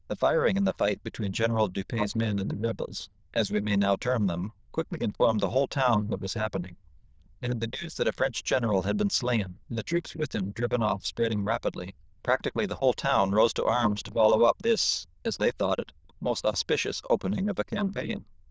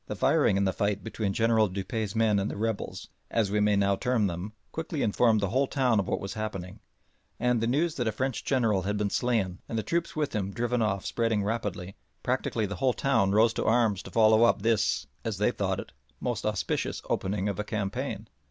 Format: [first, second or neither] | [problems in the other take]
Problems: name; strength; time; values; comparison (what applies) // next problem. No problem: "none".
second | noise reduction (neural diffusion model UNIVERSE++)